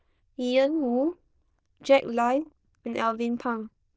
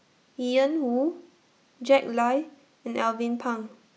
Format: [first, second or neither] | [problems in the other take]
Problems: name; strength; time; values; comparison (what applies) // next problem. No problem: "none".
second | noise reduction (neural diffusion model UNIVERSE++)